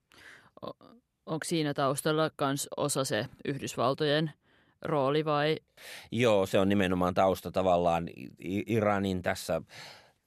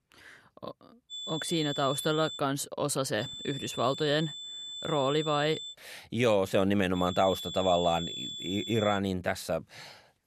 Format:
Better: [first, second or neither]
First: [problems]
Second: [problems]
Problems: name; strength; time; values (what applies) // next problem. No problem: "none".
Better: first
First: none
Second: high-pitched whine; loud; from 1 to 2.5 s, from 3 to 5.5 s and from 7 to 9 s; 3.5 kHz, 8 dB below the speech